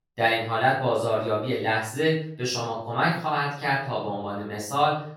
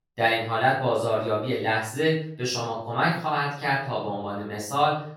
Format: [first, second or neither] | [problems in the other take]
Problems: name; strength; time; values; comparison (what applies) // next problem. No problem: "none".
neither | off-mic speech; far; the same in both // room echo; noticeable; dies away in 0.6 s; the same in both